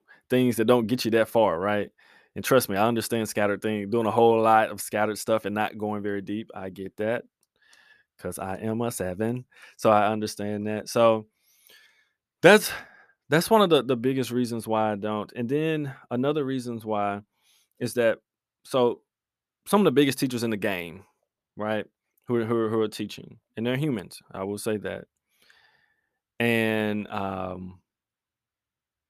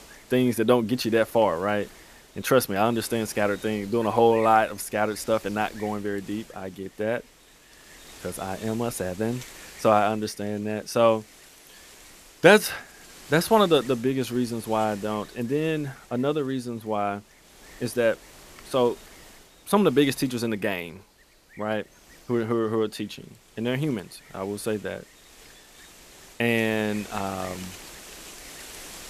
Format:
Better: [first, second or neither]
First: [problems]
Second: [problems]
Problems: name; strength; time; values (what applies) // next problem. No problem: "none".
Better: first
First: none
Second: wind noise on the microphone; occasional gusts; 20 dB below the speech